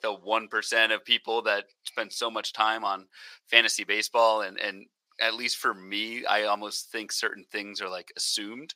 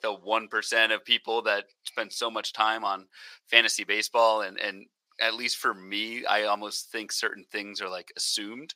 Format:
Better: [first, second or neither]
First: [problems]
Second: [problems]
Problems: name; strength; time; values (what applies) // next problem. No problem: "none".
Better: neither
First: thin; very; fading below 800 Hz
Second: thin; very; fading below 800 Hz